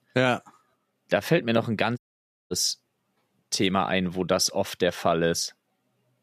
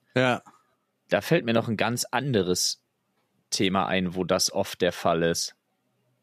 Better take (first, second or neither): second